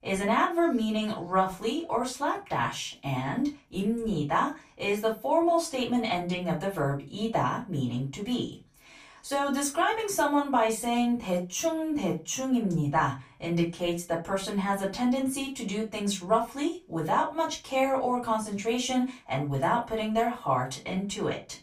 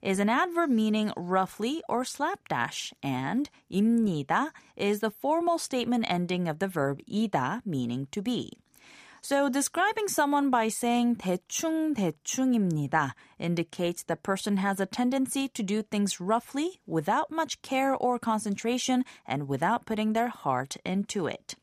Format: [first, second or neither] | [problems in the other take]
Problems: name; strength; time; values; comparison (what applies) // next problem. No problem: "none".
second | off-mic speech; far // room echo; very slight; dies away in 0.2 s